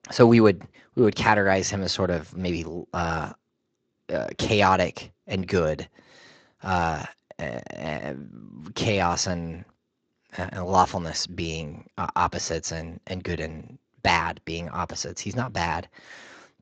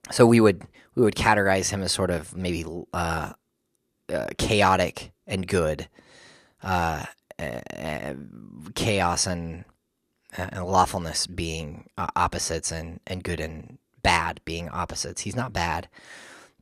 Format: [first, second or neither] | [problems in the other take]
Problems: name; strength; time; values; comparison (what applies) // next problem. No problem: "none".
second | garbled, watery; slightly